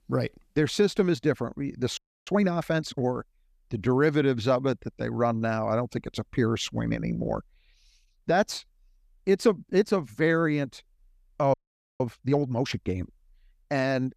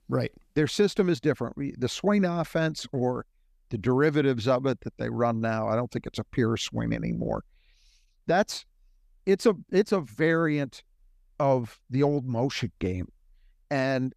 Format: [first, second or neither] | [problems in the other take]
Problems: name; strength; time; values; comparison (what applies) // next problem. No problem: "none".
second | audio freezing; at 2 s and at 12 s